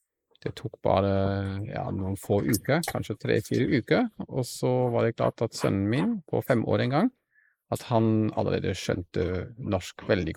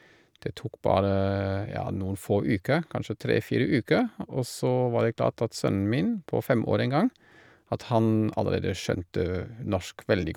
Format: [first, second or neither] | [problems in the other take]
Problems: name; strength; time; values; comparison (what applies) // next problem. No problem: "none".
second | noise reduction (neural mask model Resemble Enhance denoiser)